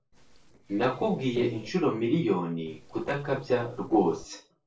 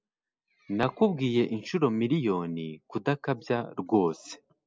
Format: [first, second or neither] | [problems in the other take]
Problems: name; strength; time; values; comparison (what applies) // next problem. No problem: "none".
second | noise reduction (neural separator model SepFormer DNS4)